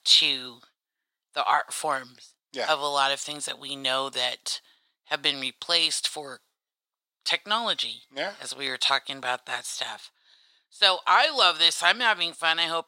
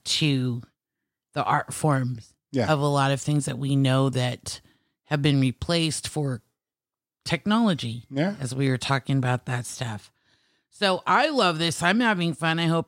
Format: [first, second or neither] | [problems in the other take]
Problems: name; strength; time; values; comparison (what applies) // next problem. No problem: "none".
second | thin; very; fading below 800 Hz